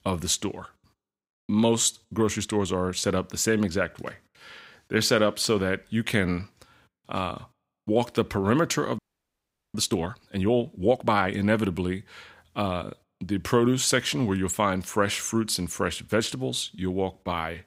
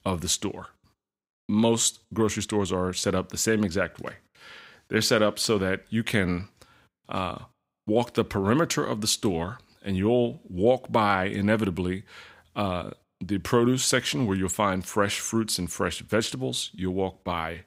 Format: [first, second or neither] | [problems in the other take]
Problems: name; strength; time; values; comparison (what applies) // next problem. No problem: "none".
second | audio freezing; at 9 s for 1 s